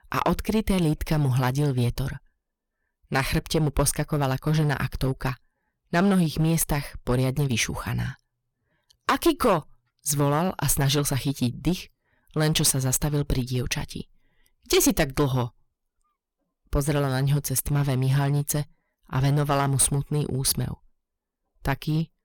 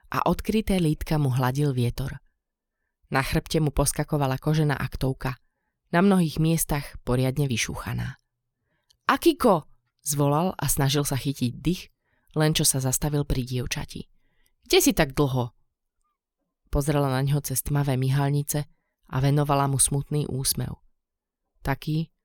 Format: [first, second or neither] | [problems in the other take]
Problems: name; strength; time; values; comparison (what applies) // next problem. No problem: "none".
second | distortion; slight; 5% of the sound clipped